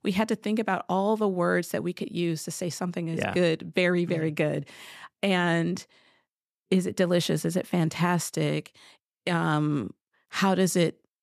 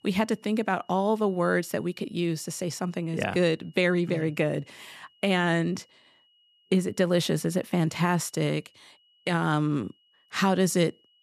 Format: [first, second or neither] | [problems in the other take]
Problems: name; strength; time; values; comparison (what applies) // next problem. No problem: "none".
first | high-pitched whine; faint; throughout; 3 kHz, 35 dB below the speech